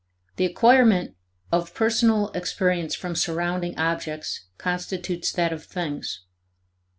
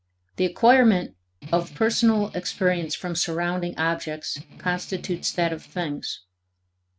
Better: first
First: none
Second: noise reduction (neural mask model RNNoise)

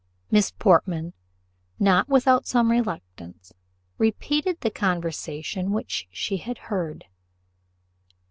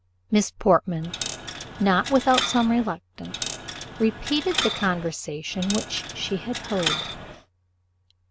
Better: first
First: none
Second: background sound (Coin (dropping)); 6 dB below the speech

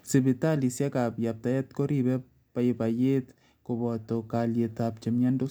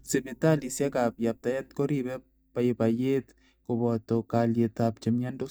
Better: first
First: none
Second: noise reduction (neural mask model DeepFilterNet 3)

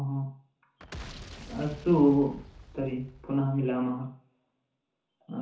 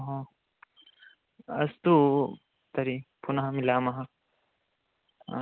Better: second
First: background sound (Boom); 17 dB below the speech // room echo; dies away in 0.9 s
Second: none

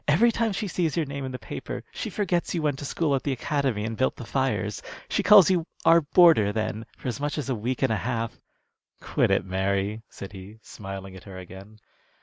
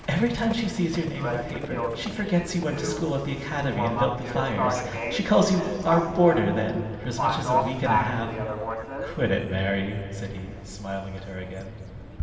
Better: first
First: none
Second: background sound (Livestock, farm animals, working animals); 5 dB below the speech // room echo; dies away in 2.6 s

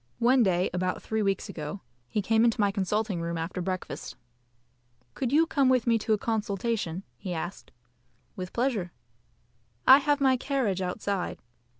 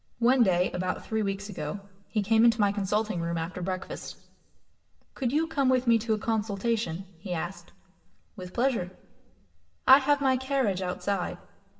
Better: first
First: none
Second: room echo; dies away in 0.7 s

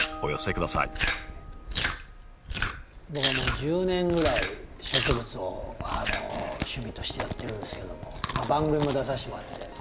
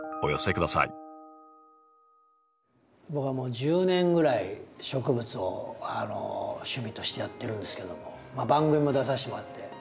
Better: second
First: background sound (Chewing, mastication); 2 dB below the speech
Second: none

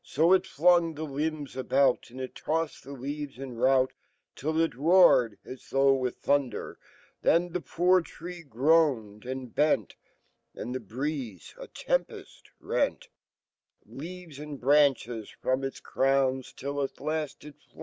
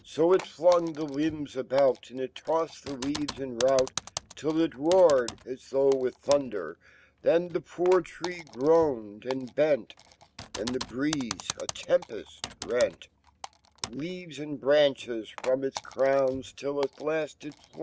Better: first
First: none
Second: background sound (Typing); 15 dB below the speech

